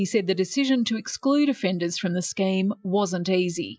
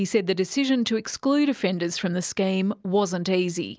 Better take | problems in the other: second | noise reduction (classical method Wiener filter)

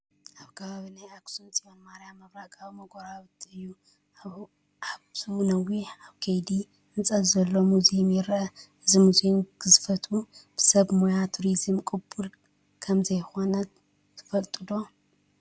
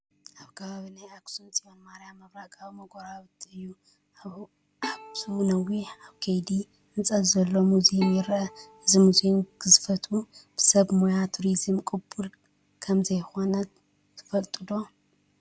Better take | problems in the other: first | background sound (Bowed string instrument); 17 dB below the speech

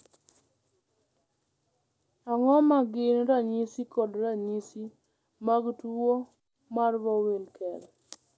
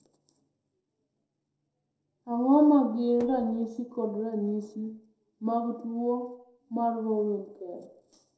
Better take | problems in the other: first | noise reduction (neural separator model SepFormer DNS4)

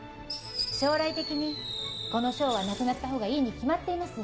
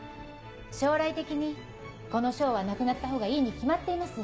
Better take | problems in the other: second | background sound (Fireworks); 8 dB below the speech

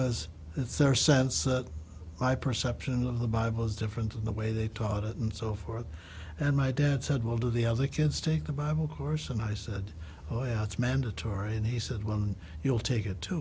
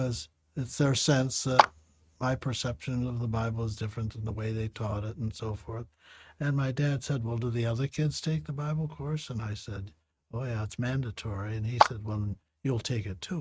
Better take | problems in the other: first | noise reduction (neural mask model RNNoise)

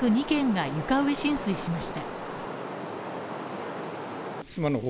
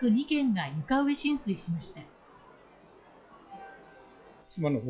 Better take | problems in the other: first | noise reduction (classical method log-MMSE)

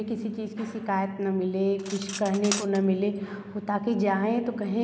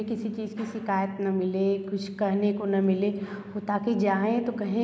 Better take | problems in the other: second | background sound (Cutlery, silverware); 13 dB below the speech

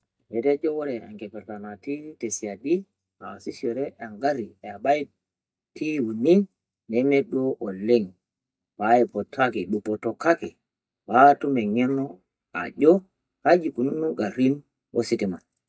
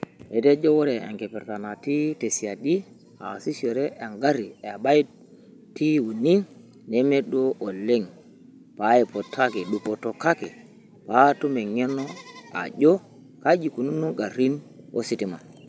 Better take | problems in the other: second | noise reduction (neural mask model DeepFilterNet 3)

